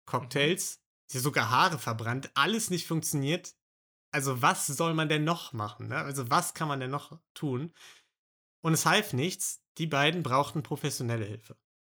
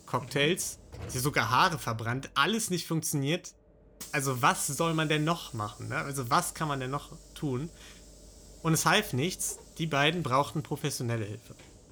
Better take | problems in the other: first | hiss; faint; throughout; 20 dB below the speech

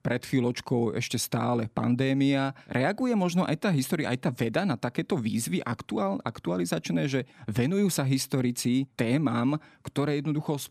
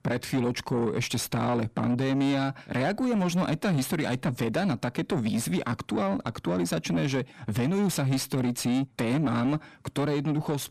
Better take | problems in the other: first | distortion; slight; 10 dB below the speech

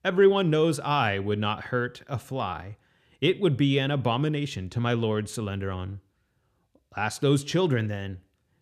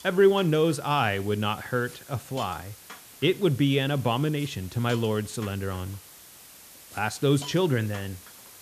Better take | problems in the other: first | hiss; noticeable; throughout; 20 dB below the speech

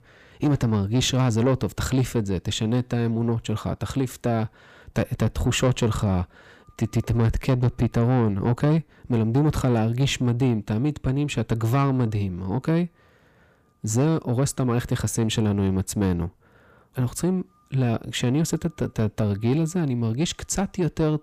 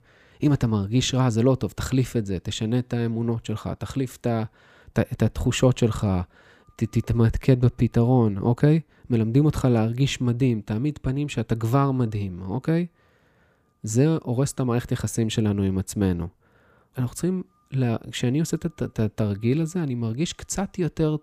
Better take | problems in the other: second | distortion; slight; 10 dB below the speech

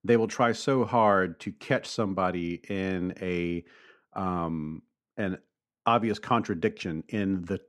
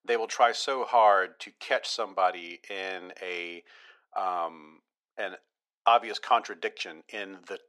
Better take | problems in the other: first | thin; very; fading below 550 Hz

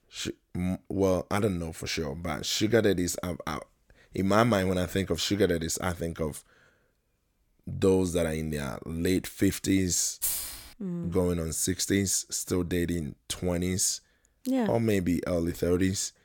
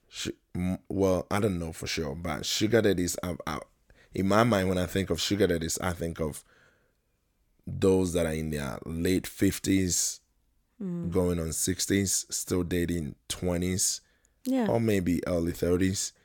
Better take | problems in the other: second | jangling keys; noticeable; at 10 s; peak 1 dB below the speech

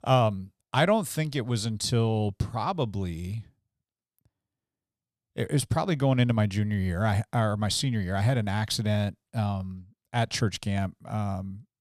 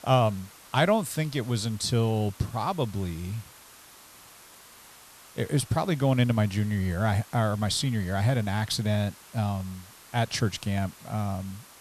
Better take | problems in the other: first | hiss; faint; throughout; 20 dB below the speech

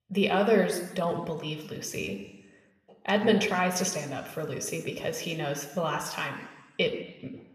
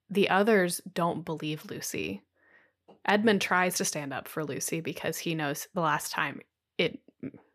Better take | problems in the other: second | room echo; slight; dies away in 0.9 s

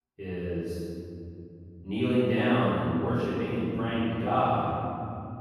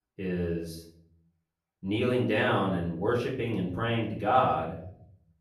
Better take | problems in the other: second | room echo; strong; dies away in 3 s; slight in the second // off-mic speech; far; far in the second

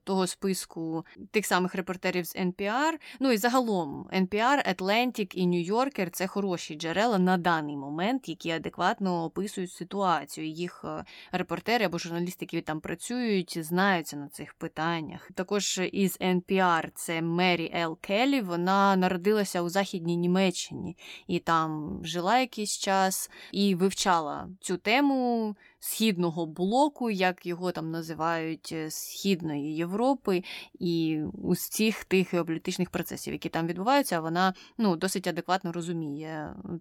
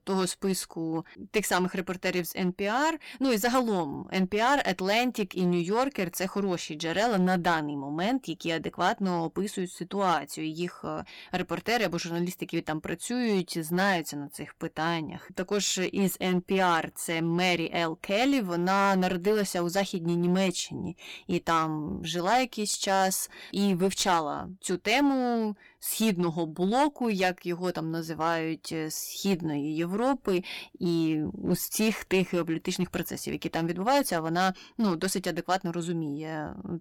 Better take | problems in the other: first | distortion; slight; 5% of the sound clipped

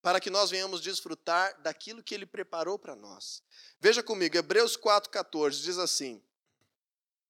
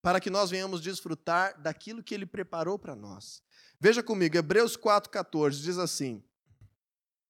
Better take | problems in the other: second | thin; somewhat; fading below 400 Hz

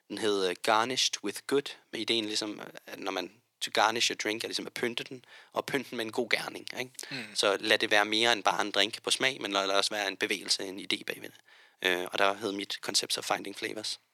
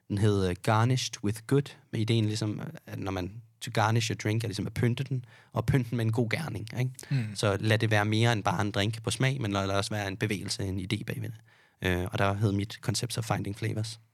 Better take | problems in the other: second | thin; very; fading below 350 Hz

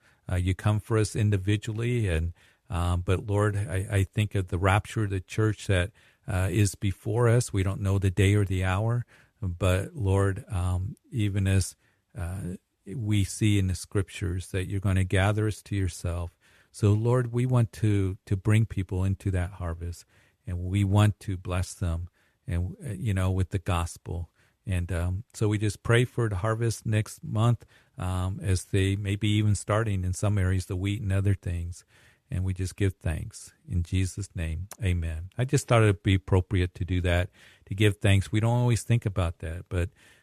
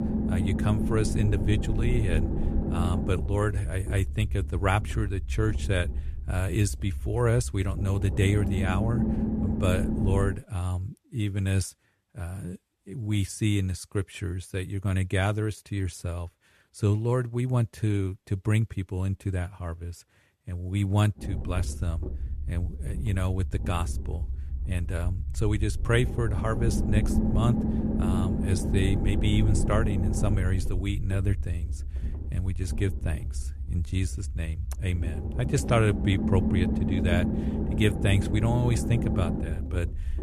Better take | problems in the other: first | low rumble; loud; until 10 s and from 21 s on; 4 dB below the speech

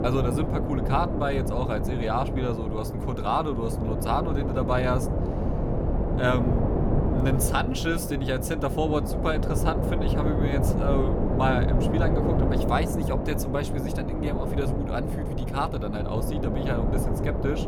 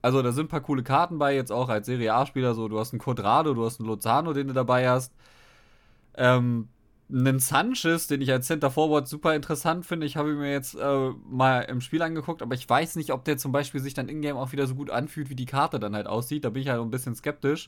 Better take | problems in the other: second | wind noise on the microphone; heavy; 3 dB below the speech

